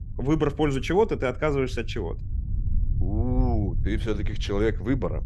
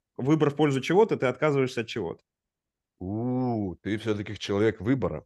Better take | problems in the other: second | low rumble; noticeable; throughout; 20 dB below the speech

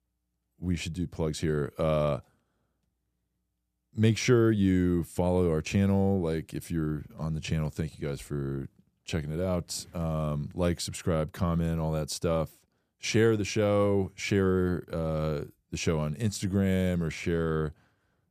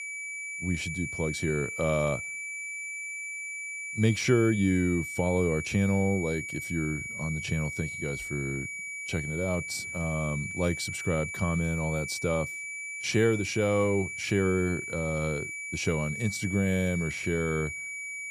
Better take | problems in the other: first | high-pitched whine; loud; throughout; 2.5 kHz, 5 dB below the speech

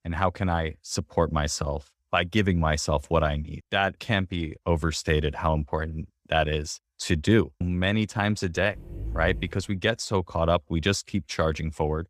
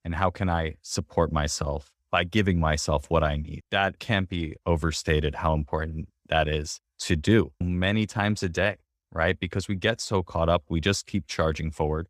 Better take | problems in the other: second | dog barking; noticeable; at 9 s; peak 7 dB below the speech

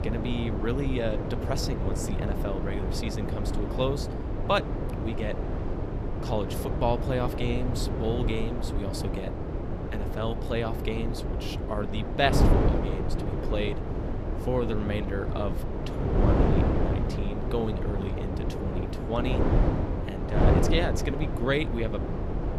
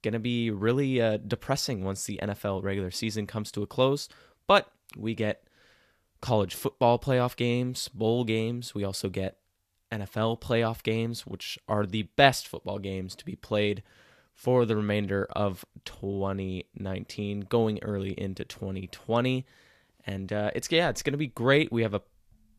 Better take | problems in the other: second | wind noise on the microphone; heavy; 2 dB below the speech

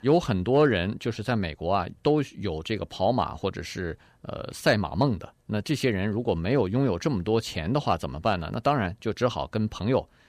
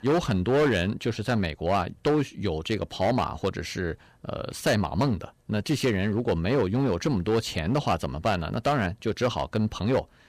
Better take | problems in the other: first | distortion; slight; 7% of the sound clipped

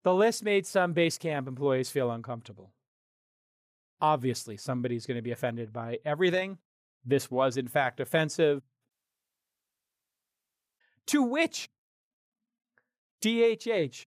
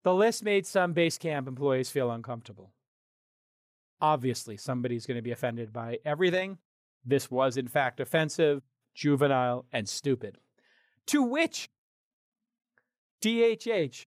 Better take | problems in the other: second | audio cutting out; at 9 s for 2 s

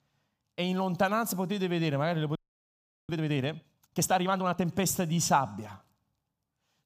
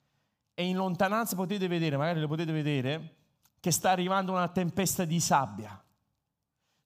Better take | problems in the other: second | audio freezing; at 2.5 s for 0.5 s

